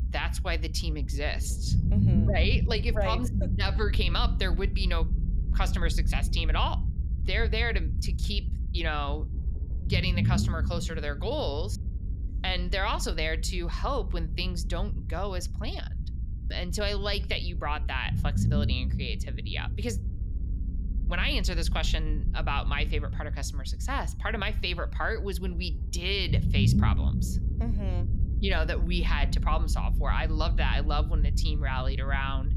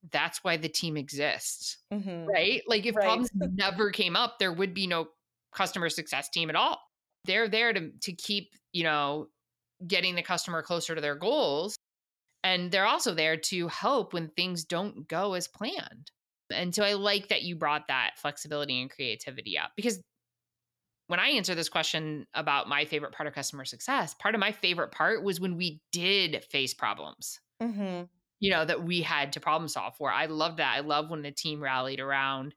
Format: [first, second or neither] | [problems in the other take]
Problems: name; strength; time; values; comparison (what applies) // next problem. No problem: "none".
second | low rumble; noticeable; throughout; 10 dB below the speech